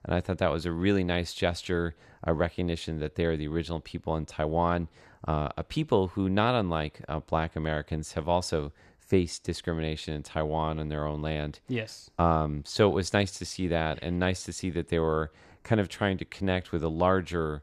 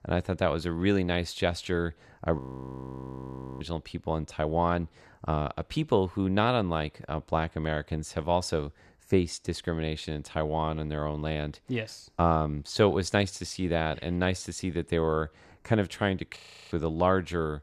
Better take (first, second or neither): first